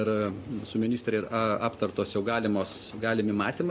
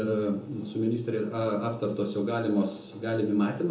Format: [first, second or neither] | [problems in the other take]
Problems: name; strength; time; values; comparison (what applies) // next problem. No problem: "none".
first | room echo; dies away in 1 s